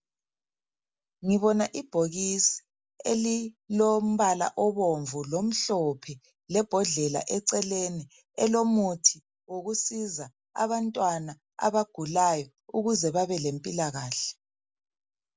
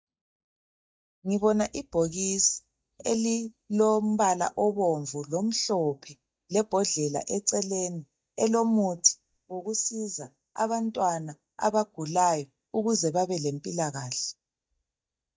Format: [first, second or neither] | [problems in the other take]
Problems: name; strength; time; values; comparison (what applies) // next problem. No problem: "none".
first | noise reduction (neural mask model DeepFilterNet 3)